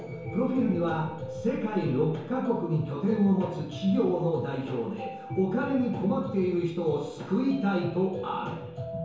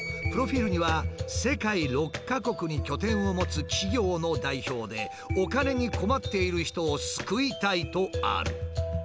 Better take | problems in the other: second | room echo; dies away in 1 s

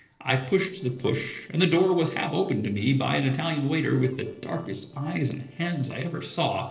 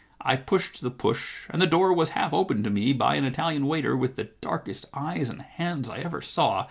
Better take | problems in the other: second | noise reduction (neural separator model SepFormer DNS4)

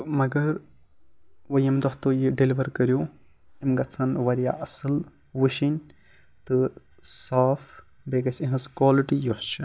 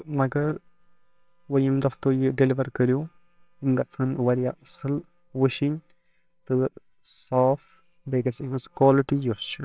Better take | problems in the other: first | noise reduction (neural separator model SepFormer WHAMR!)

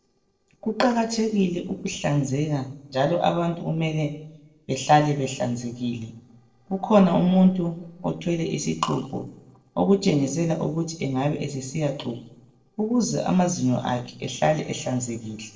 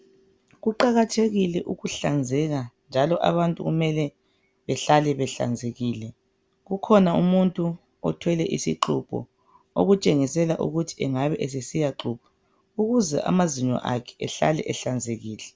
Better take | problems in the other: second | noise reduction (neural separator model SepFormer DNS4)

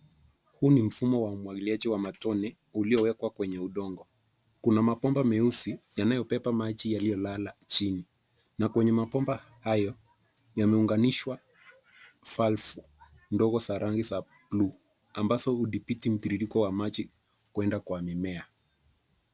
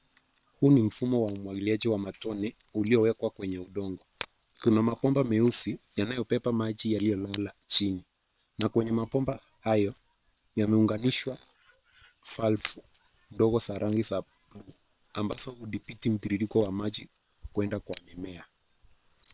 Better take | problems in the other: first | noise reduction (neural separator model SepFormer WHAM!)

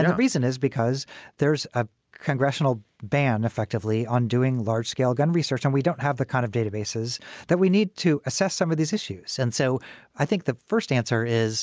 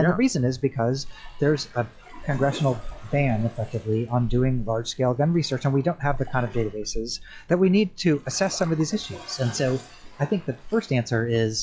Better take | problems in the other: first | noise reduction (classical method log-MMSE)

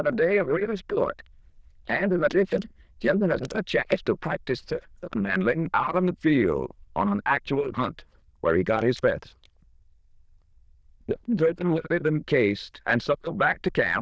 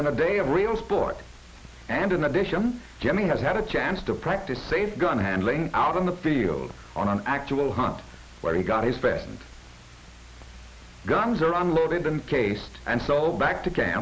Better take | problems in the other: second | noise reduction (neural diffusion model UNIVERSE++)

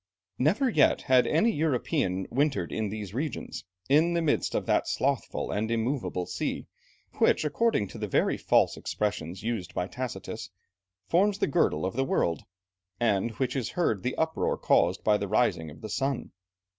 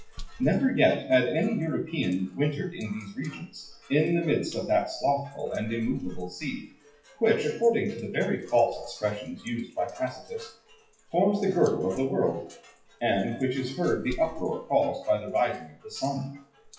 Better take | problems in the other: first | noise reduction (classical method WPE with log-MMSE)

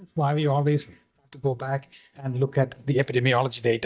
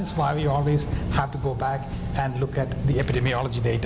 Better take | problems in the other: second | noise reduction (neural mask model DeepFilterNet 3)

